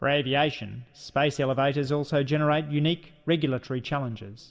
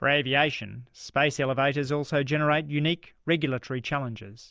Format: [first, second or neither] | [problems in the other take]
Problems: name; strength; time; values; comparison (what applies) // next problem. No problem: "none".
second | room echo; dies away in 0.7 s